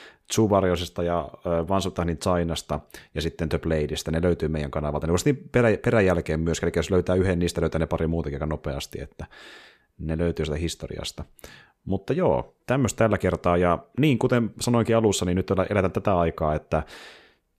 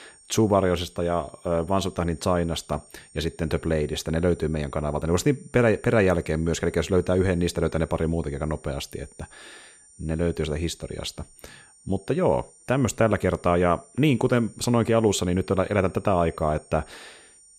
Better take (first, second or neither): first